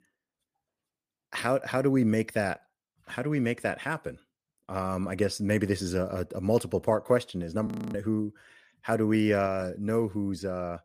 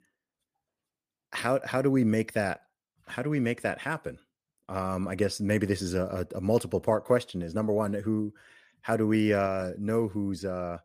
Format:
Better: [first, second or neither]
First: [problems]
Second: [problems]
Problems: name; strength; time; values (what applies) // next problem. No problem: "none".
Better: second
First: audio freezing; at 7.5 s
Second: none